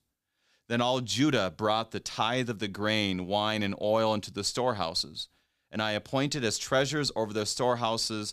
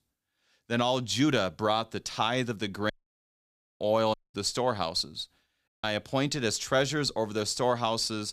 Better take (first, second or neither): first